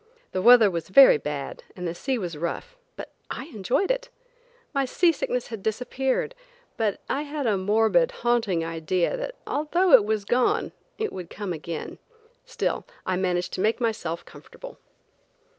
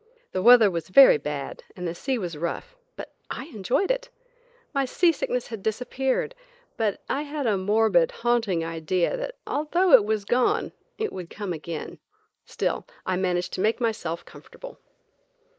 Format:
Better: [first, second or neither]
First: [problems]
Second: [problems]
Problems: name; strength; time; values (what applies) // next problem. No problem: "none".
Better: first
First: none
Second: noise reduction (neural mask model Resemble Enhance denoiser)